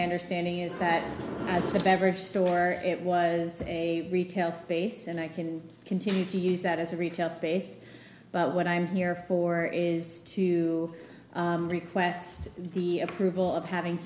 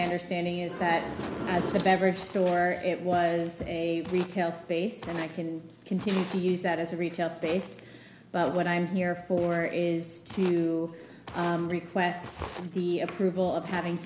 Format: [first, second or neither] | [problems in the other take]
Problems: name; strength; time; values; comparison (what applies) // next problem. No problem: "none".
first | background sound (Walk, footsteps); 18 dB below the speech